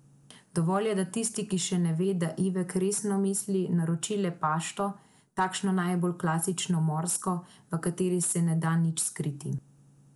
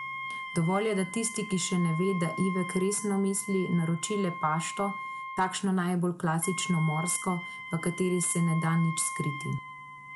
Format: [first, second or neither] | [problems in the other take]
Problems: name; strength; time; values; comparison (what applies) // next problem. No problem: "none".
first | background sound (Wind instrument, woodwind instrument); 10 dB below the speech